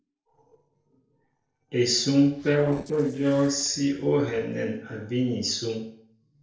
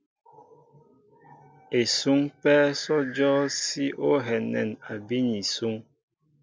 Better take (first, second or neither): second